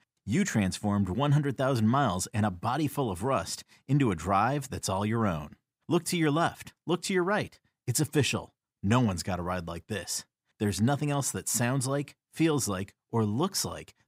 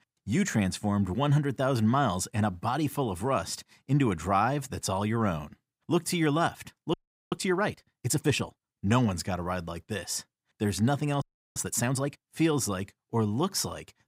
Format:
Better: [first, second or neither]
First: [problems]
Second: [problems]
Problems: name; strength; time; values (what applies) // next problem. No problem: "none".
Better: first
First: none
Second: audio freezing; at 7 s and at 11 s